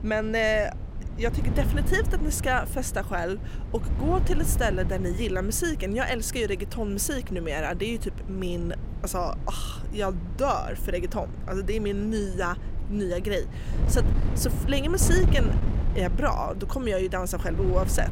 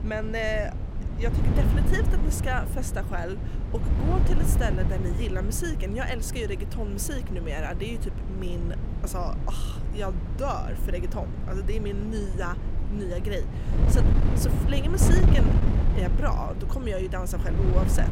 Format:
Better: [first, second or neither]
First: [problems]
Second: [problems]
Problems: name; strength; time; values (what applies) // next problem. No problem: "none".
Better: first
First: wind noise on the microphone; occasional gusts; 15 dB below the speech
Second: wind noise on the microphone; heavy; 5 dB below the speech